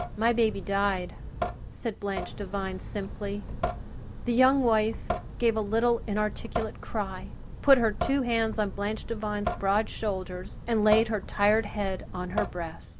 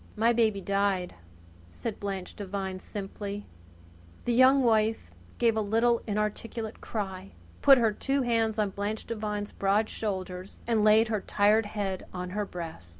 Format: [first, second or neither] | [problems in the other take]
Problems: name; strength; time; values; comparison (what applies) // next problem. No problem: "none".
second | background sound (Drip / Sink (filling or washing) / Water tap, faucet); 8 dB below the speech